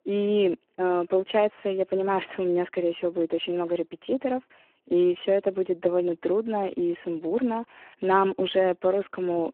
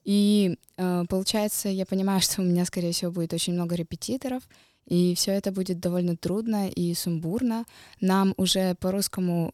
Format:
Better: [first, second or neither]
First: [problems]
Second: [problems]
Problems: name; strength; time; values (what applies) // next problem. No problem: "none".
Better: second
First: phone-call audio; poor line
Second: none